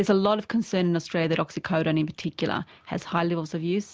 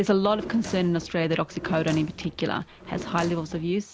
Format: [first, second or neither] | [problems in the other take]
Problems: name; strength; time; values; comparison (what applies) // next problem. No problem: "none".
first | background sound (Drawer open or close); 13 dB below the speech